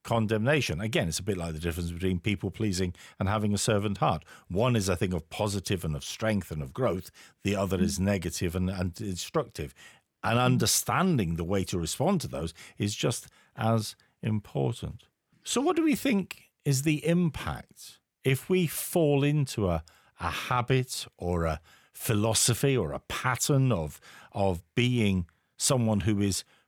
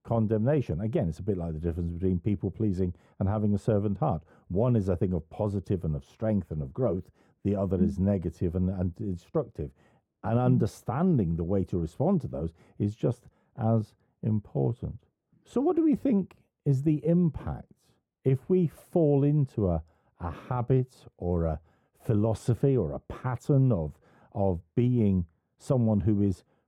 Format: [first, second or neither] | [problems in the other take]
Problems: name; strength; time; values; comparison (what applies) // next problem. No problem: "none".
first | muffled; very; fading above 1.5 kHz